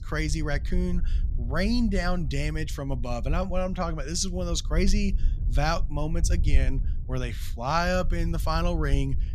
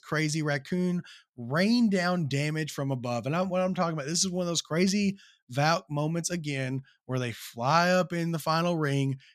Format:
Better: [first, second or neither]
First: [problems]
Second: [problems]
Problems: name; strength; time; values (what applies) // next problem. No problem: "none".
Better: second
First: wind noise on the microphone; occasional gusts; 20 dB below the speech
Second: none